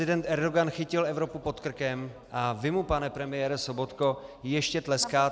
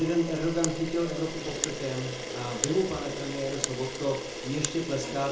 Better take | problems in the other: first | background sound (Camera); 5 dB below the speech // room echo; dies away in 0.5 s

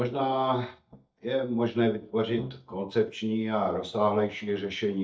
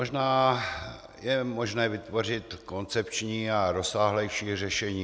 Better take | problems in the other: second | noise reduction (neural mask model DeepFilterNet 3)

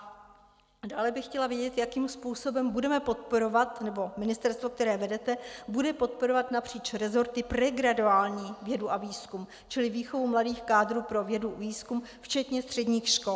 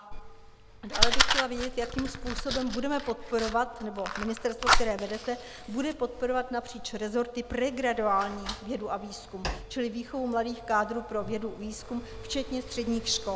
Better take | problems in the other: first | background sound (Fire); 1 dB below the speech

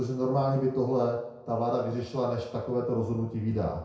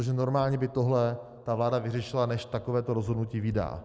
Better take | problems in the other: second | room echo; dies away in 0.5 s

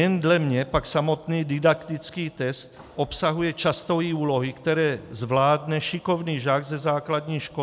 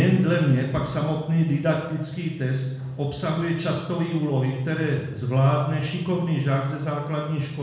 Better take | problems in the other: first | room echo; dies away in 1 s

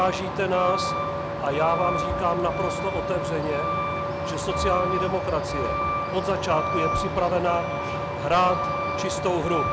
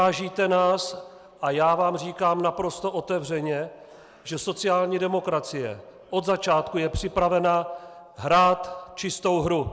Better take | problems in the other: second | background sound (Truck); as loud as the speech

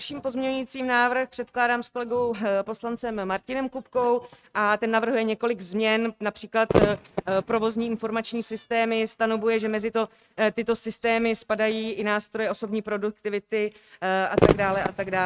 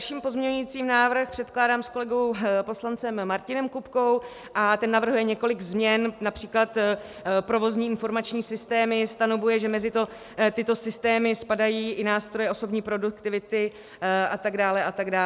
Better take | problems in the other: second | noise reduction (neural mask model RNNoise)

